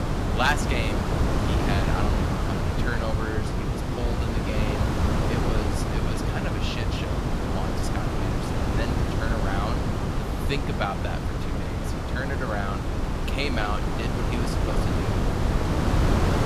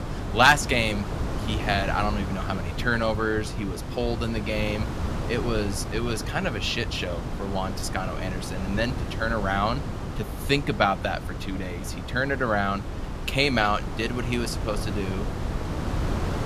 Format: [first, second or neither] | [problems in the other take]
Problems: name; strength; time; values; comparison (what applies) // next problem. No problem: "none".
second | wind noise on the microphone; heavy; 1 dB above the speech; occasional gusts in the second